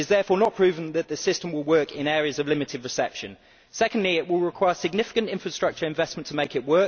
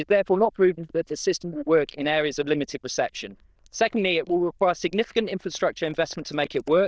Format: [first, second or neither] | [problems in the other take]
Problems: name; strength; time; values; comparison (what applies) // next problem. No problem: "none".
first | noise reduction (neural diffusion model UNIVERSE++)